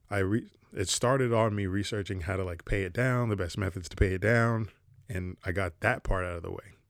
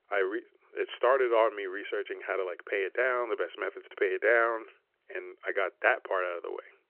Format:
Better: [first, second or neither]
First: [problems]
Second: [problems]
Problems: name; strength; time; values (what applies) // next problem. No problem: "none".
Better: first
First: none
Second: phone-call audio